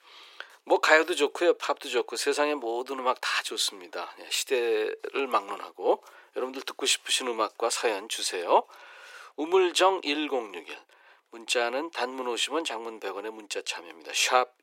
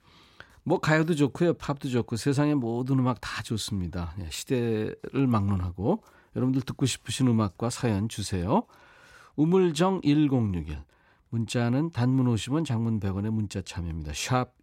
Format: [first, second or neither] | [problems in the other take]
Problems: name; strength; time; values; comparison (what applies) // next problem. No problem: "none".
second | thin; very; fading below 400 Hz